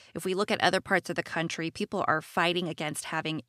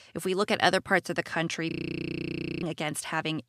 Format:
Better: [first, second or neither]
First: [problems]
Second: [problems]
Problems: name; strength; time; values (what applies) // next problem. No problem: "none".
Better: first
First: none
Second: audio freezing; at 1.5 s for 1 s